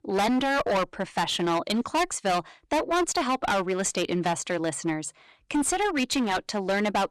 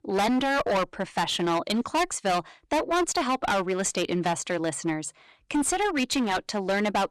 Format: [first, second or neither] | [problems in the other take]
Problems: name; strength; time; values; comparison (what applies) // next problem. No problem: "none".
neither | distortion; heavy; 19% of the sound clipped; the same in both